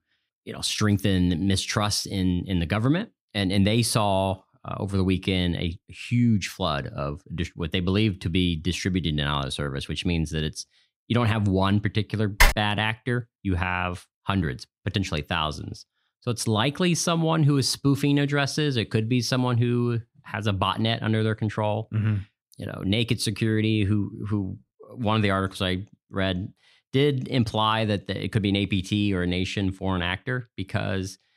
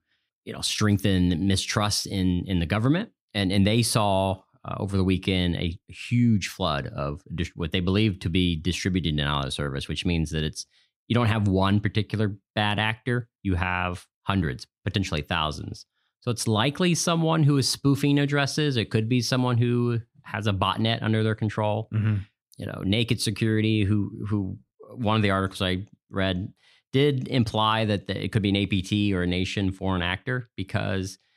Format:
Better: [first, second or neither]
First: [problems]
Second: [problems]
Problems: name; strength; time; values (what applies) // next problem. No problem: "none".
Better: second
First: keyboard typing; loud; at 12 s; peak 4 dB above the speech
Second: none